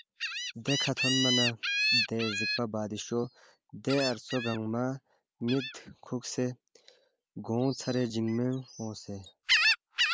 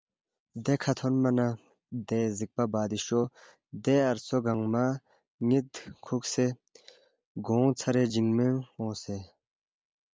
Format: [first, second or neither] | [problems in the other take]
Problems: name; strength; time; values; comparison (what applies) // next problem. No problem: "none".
second | background sound (Gull, seagull); as loud as the speech